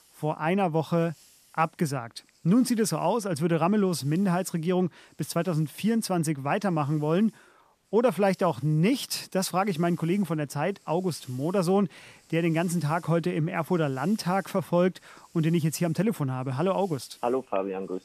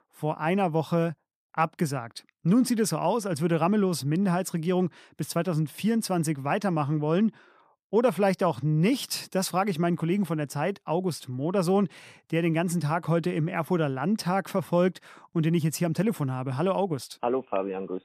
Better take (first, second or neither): second